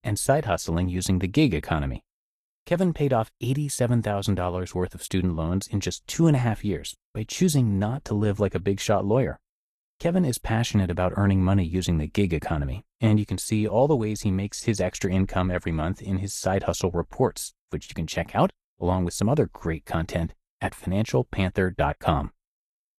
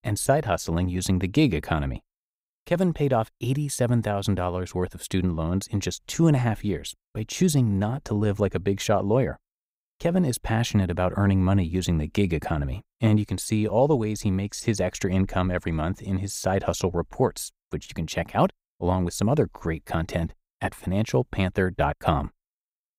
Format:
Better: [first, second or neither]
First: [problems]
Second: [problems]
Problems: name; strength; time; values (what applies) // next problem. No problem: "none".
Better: second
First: garbled, watery; slightly; nothing above 12.5 kHz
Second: none